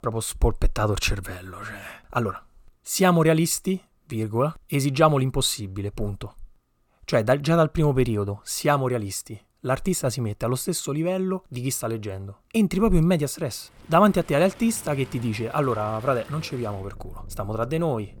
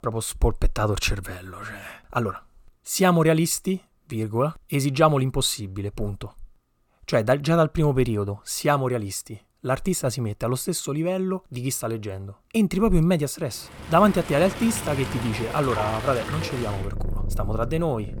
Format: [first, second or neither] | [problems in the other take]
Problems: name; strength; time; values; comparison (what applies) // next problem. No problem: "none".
first | animal sounds; loud; from 14 s on; 8 dB below the speech; faint in the first